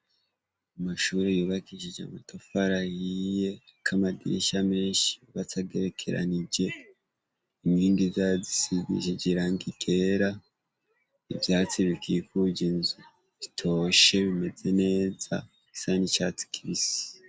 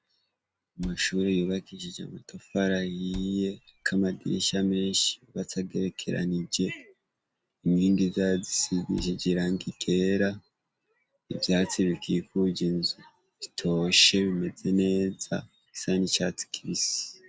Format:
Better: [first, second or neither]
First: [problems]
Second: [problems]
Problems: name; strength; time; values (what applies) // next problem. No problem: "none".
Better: first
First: none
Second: background sound (Cupboard open or close); 17 dB below the speech